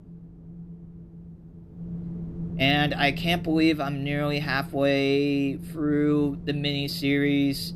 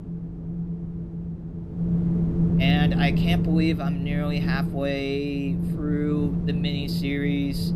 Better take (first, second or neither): first